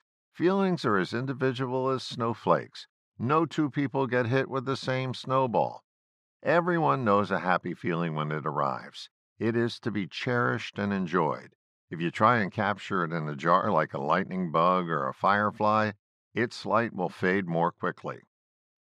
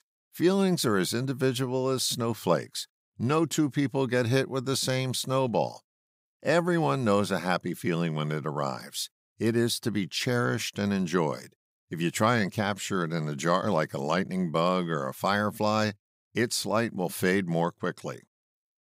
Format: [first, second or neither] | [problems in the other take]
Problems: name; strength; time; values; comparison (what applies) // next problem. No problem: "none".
second | muffled; slightly; fading above 3 kHz